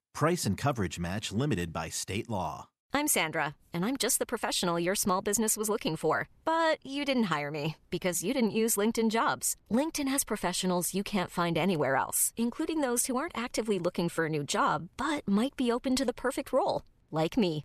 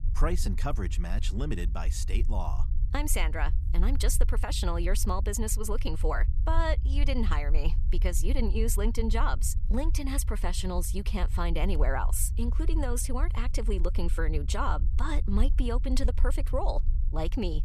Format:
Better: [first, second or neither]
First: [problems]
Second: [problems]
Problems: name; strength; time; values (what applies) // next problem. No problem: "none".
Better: first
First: none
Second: low rumble; noticeable; throughout; 15 dB below the speech